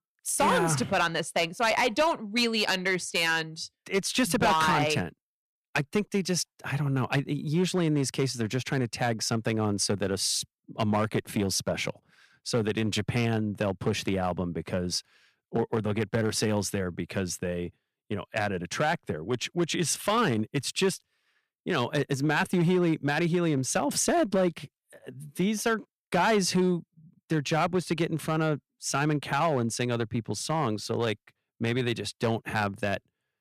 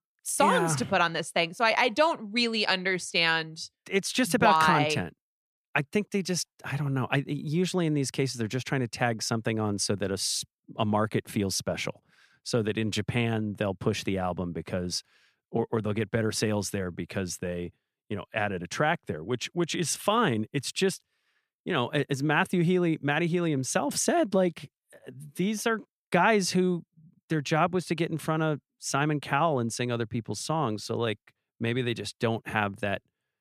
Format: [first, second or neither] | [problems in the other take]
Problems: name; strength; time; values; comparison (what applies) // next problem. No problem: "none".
second | distortion; slight; 4% of the sound clipped